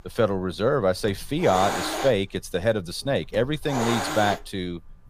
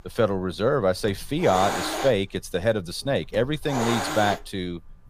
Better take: neither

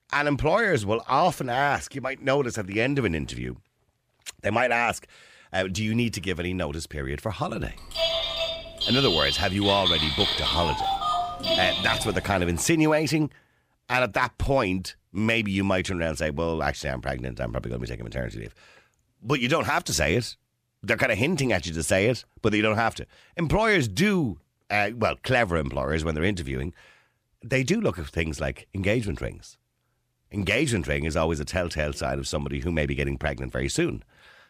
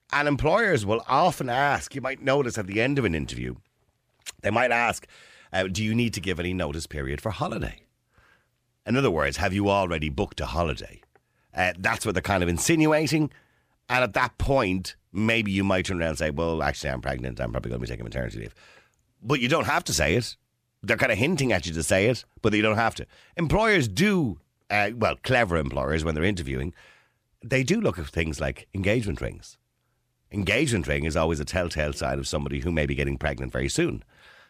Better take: second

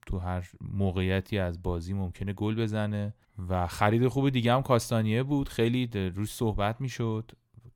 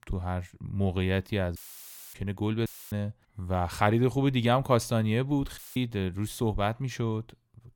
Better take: first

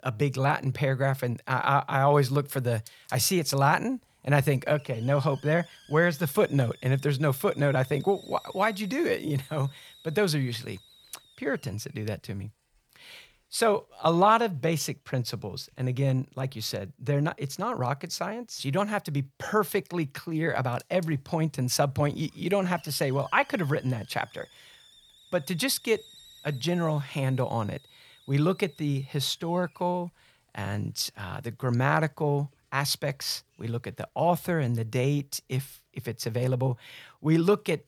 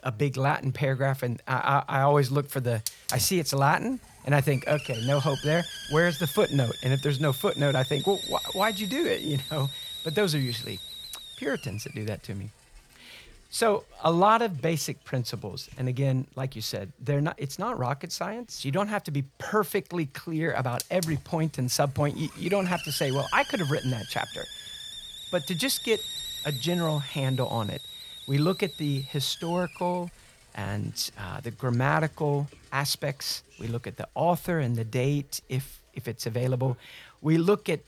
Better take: first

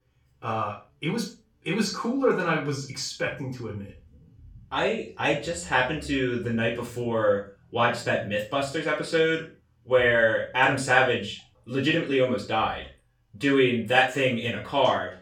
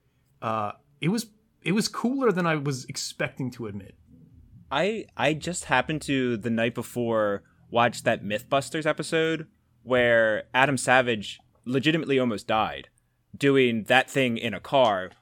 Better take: second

